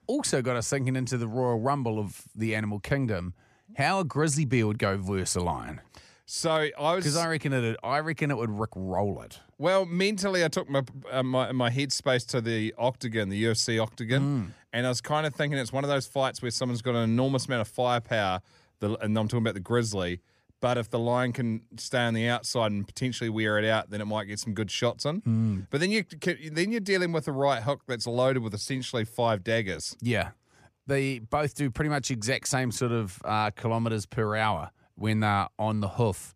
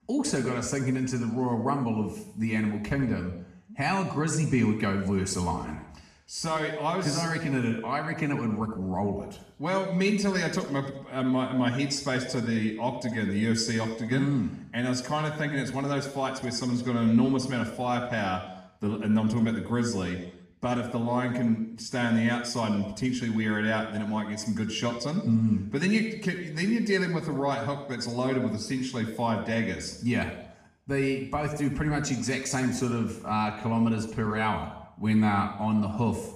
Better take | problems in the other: first | room echo; noticeable; dies away in 0.7 s // off-mic speech; far

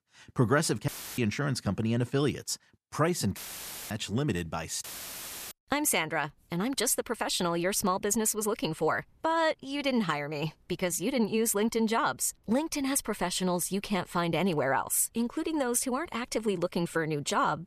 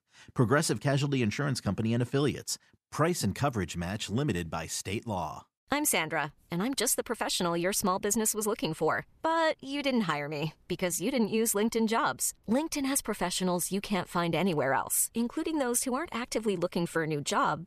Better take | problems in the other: second | audio cutting out; filled with static; at 1 s, at 3.5 s for 0.5 s and at 5 s for 0.5 s

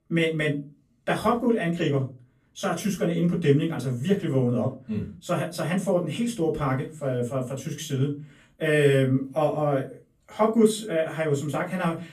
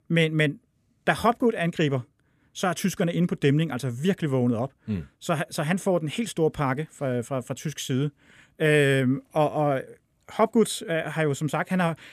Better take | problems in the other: second | off-mic speech; far // room echo; very slight; dies away in 0.3 s

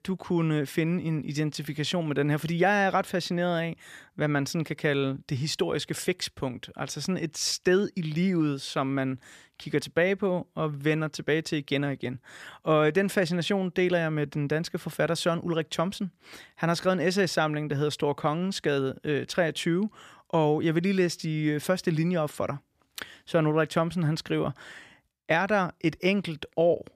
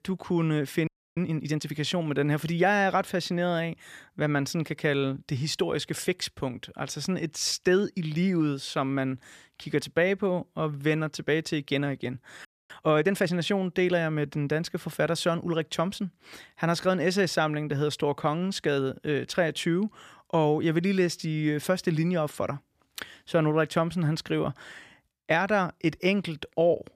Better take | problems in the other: first | audio freezing; at 1 s and at 12 s

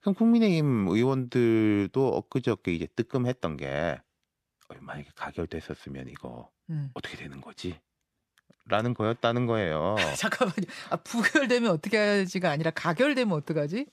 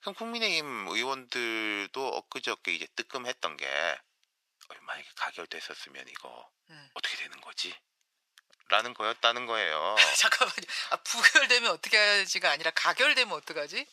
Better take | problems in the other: first | thin; very; fading below 1 kHz

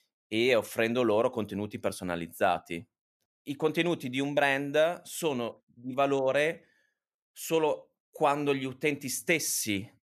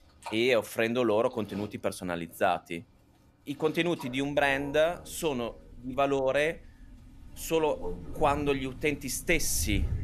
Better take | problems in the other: first | animal sounds; noticeable; throughout; 15 dB below the speech

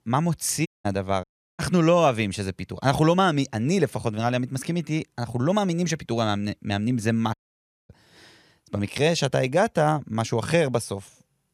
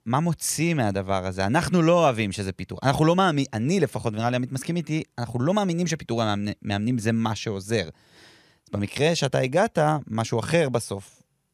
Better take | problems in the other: second | audio cutting out; at 0.5 s, at 1 s and at 7.5 s for 0.5 s

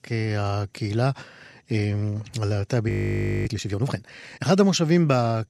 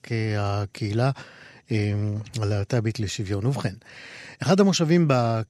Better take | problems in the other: second | audio freezing; at 3 s for 0.5 s

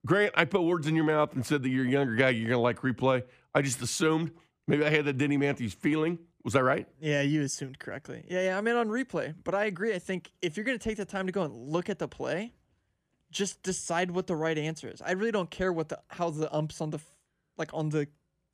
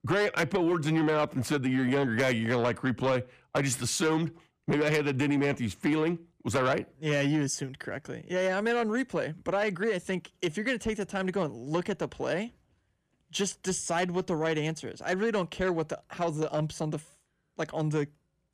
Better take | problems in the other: first | distortion; slight; 10 dB below the speech

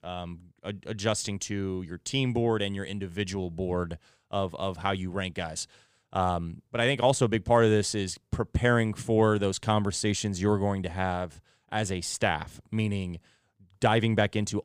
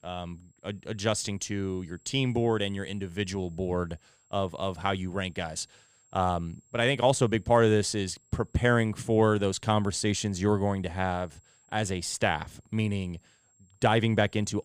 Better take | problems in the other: first | high-pitched whine; faint; throughout; 7.5 kHz, 35 dB below the speech

